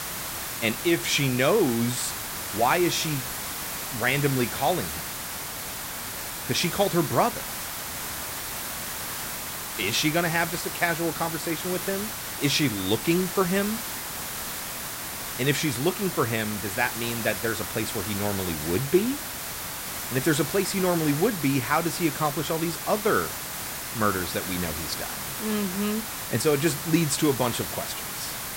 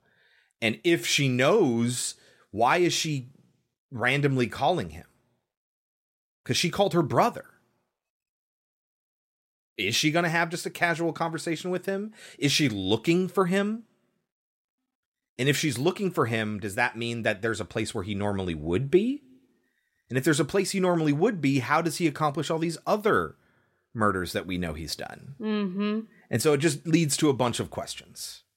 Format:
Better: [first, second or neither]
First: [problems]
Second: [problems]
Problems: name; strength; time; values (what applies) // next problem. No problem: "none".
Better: second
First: hiss; loud; throughout; 5 dB below the speech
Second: none